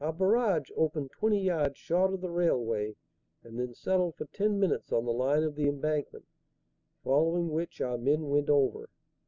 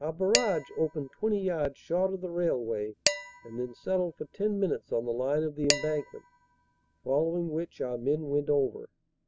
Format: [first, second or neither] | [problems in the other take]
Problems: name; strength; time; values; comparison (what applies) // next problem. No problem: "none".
first | background sound (Dishes, pots, and pans); 7 dB below the speech